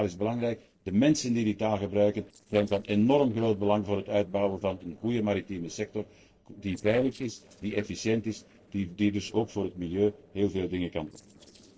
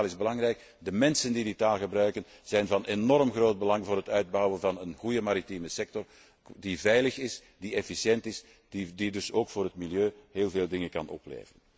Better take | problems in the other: second | noise reduction (neural separator model SepFormer DNS4)

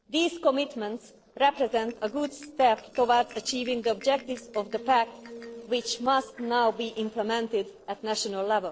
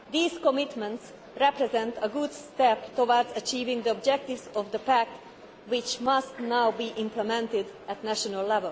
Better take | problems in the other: second | noise reduction (neural separator model SepFormer DNS4)

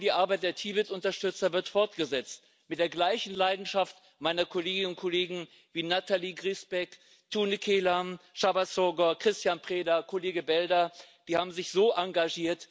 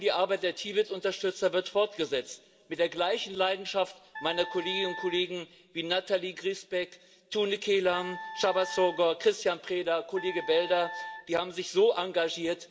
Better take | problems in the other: first | background sound (Wind instrument, woodwind instrument); 12 dB below the speech // room echo; dies away in 1 s

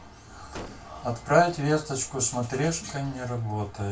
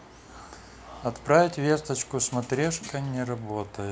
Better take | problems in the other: second | background sound (Gunshot, gunfire); 17 dB below the speech // room echo; dies away in 0.2 s

